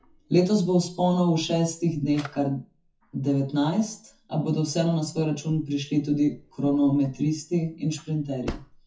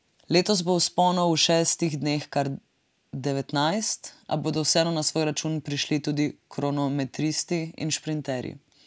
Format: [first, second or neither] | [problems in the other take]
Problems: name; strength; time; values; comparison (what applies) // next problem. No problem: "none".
second | noise reduction (classical method WPE with log-MMSE)